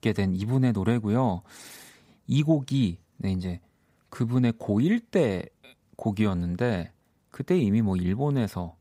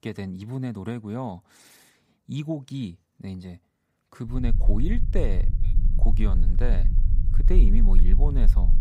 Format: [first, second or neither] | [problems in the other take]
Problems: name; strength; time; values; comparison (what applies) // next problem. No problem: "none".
first | low rumble; loud; from 4.5 s on; 9 dB below the speech